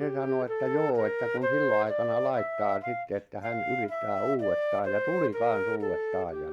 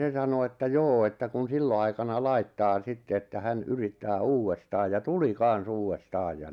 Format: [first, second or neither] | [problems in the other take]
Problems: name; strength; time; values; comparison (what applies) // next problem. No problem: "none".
second | background sound (Wind instrument, woodwind instrument); as loud as the speech